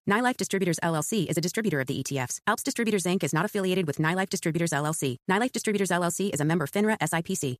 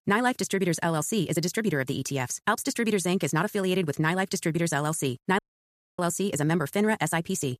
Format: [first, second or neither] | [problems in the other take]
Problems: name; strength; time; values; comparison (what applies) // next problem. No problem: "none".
first | audio cutting out; at 5.5 s for 0.5 s